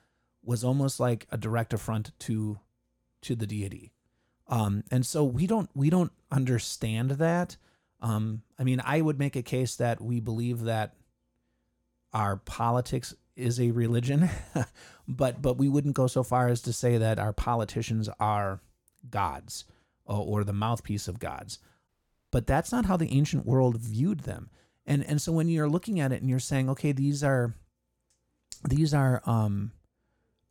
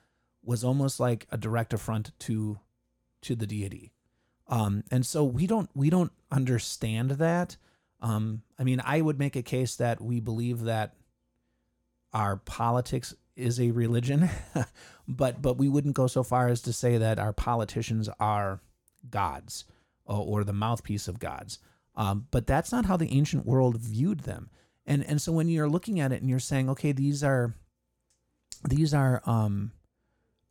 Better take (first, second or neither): second